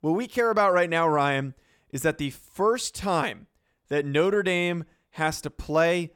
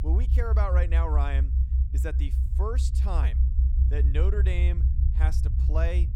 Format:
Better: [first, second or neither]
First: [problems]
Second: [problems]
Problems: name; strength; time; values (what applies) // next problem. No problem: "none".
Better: first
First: none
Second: low rumble; loud; throughout; 7 dB below the speech